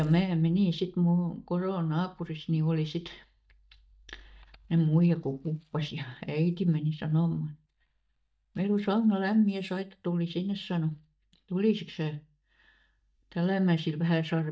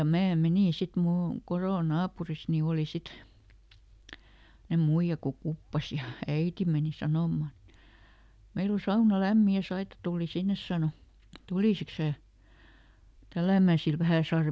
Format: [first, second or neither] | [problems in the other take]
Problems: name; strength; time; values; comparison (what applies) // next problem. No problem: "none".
second | noise reduction (neural mask model DeepFilterNet 3)